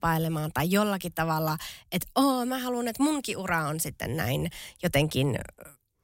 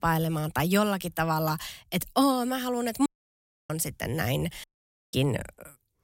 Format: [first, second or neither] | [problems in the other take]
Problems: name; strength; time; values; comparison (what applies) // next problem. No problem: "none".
first | audio cutting out; at 3 s for 0.5 s and at 4.5 s